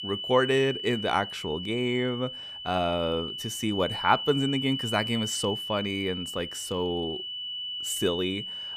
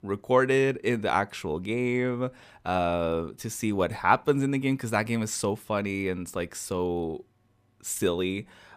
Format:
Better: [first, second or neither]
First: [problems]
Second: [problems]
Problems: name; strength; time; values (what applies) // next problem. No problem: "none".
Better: second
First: high-pitched whine; loud; throughout; 3 kHz, 5 dB below the speech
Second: none